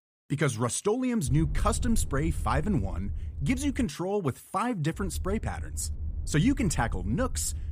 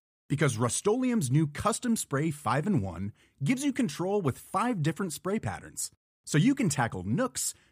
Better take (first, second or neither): second